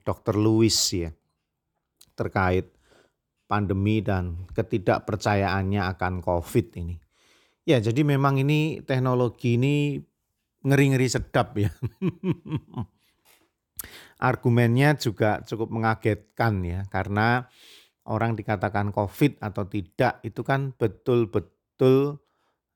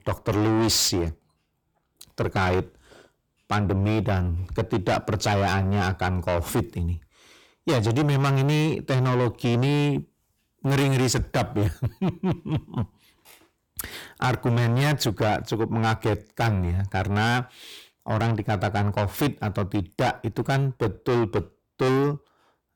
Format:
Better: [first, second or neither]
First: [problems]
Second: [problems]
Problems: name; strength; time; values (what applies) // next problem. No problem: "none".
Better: first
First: none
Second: distortion; heavy; 5 dB below the speech